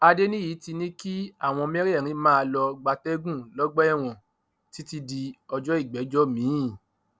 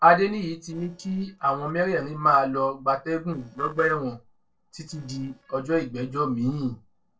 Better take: first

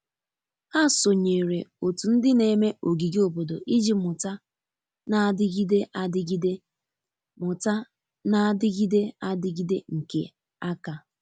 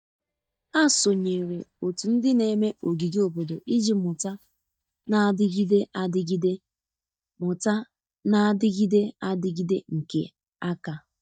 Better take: first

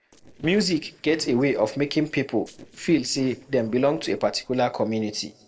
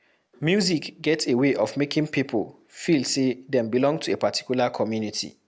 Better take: second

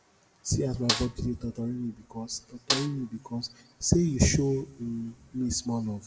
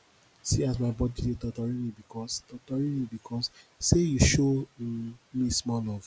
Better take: second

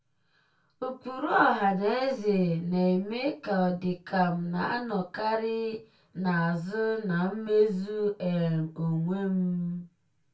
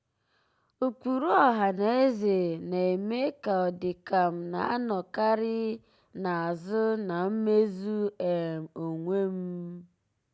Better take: second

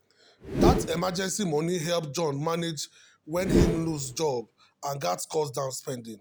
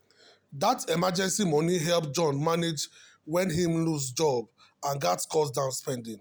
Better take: second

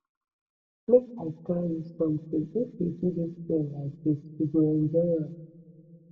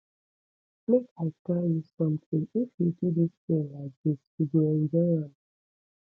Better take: second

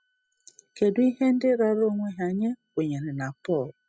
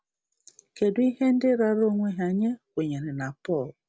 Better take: second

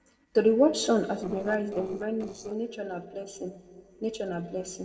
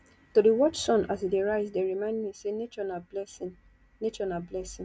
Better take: second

